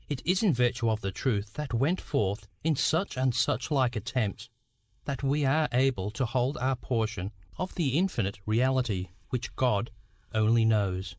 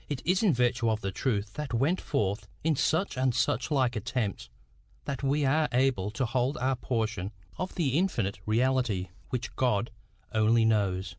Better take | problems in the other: second | noise reduction (neural mask model Resemble Enhance denoiser)

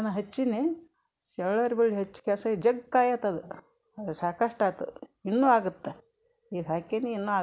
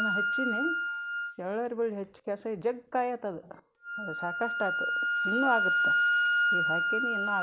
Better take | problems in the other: first | background sound (Wind instrument, woodwind instrument); 4 dB above the speech

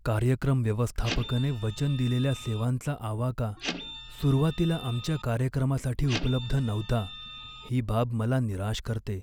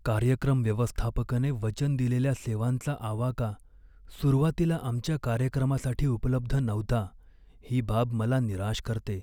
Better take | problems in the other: second | background sound (Printer); 12 dB below the speech

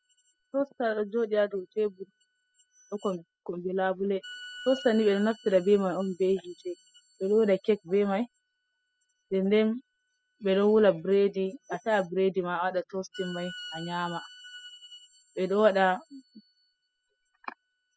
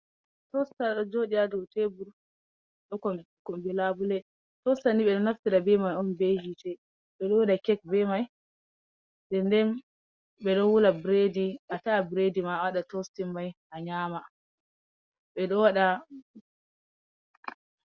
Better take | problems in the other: second | noise reduction (classical method spectral subtraction)

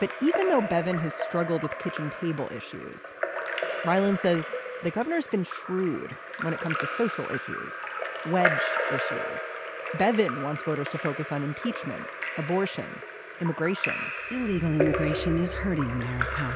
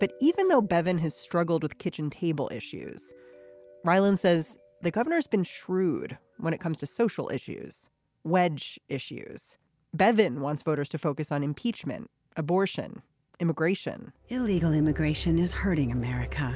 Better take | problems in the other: second | background sound (Drip / Trickle, dribble / Splash, splatter); 4 dB below the speech

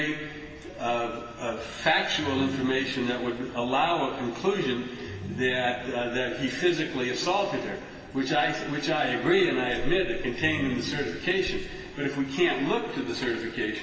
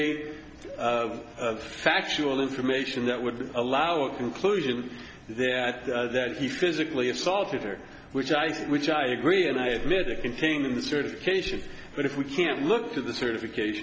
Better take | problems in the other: second | background sound (Ringtone); 15 dB below the speech // room echo; dies away in 2.6 s

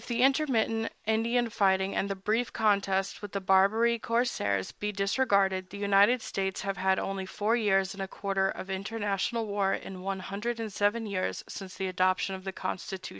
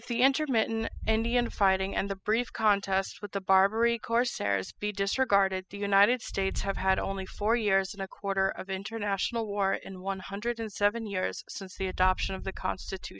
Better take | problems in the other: first | noise reduction (classical method spectral subtraction)

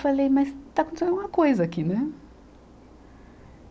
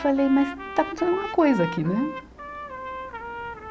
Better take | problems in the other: first | background sound (Trumpet); 10 dB below the speech

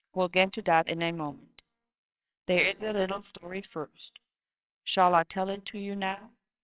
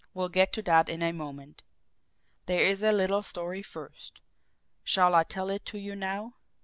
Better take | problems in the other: second | noise reduction (neural separator model SepFormer WHAMR!)

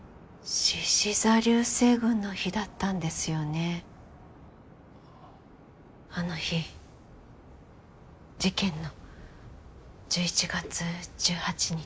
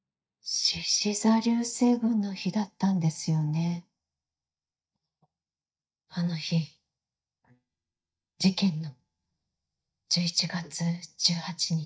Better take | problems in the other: first | noise reduction (neural mask model DeepFilterNet 3)

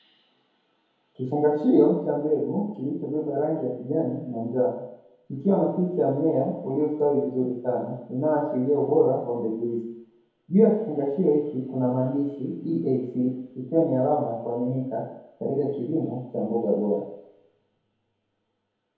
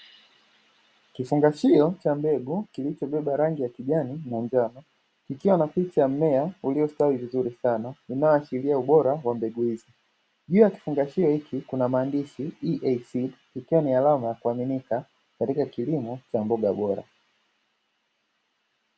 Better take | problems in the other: second | room echo; dies away in 2 s

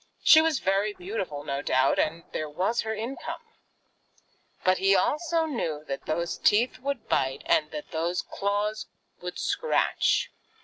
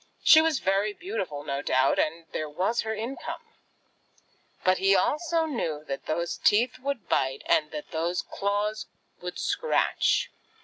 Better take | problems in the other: second | noise reduction (neural separator model SepFormer DNS4)

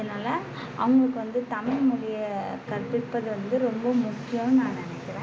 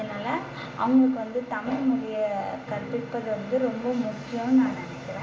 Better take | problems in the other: first | room echo; dies away in 0.6 s

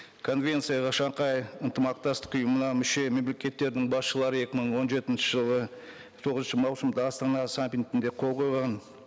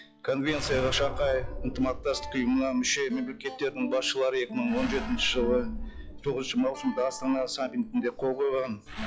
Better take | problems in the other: first | noise reduction (classical method log-MMSE)

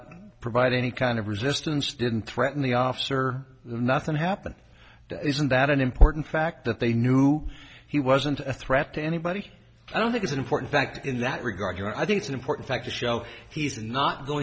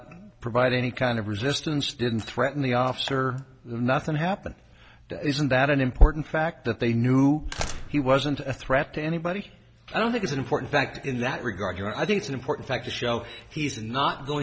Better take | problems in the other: first | background sound (Slam); 19 dB below the speech

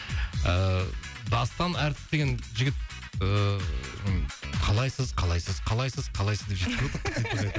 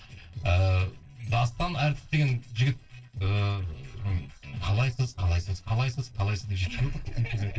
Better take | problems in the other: first | noise reduction (neural separator model SepFormer DNS4)

